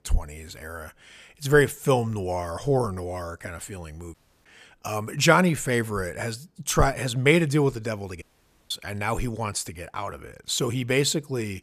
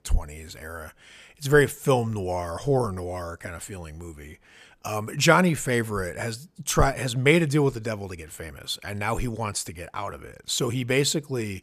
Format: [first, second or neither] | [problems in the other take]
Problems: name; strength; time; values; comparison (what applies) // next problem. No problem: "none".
second | audio cutting out; at 4 s and at 8 s